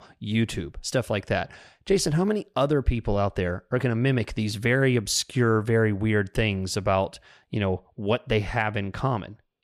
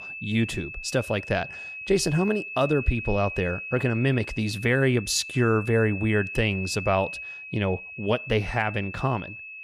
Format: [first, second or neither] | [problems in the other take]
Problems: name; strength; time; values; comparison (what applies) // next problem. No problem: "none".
first | high-pitched whine; loud; throughout; 2.5 kHz, 9 dB below the speech